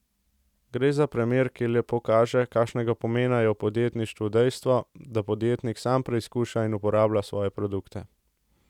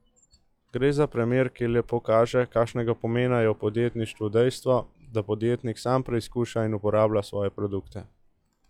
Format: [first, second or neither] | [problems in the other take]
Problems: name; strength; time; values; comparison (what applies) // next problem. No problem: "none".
first | noise reduction (classical method log-MMSE)